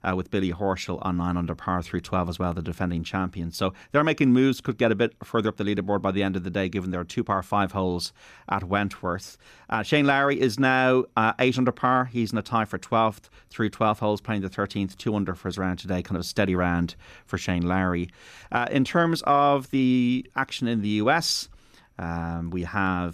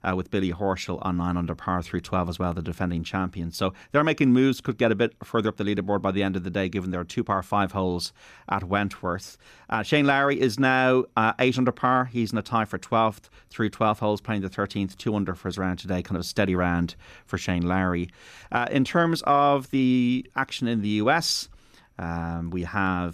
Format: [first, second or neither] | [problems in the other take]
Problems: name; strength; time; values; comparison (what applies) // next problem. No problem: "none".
neither | none